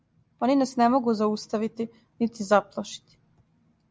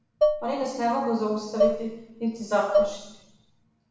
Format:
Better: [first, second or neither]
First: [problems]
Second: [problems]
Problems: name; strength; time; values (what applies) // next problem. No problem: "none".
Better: first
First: none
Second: background sound (Dishes, pots, and pans); 2 dB above the speech // room echo; dies away in 0.9 s